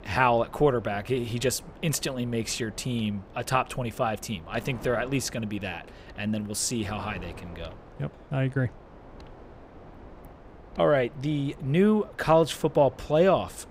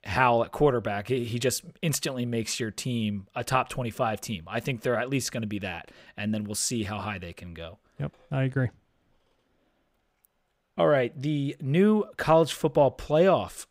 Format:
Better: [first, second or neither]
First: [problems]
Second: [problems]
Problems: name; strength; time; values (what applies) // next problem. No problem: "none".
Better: second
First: wind noise on the microphone; occasional gusts; 20 dB below the speech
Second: none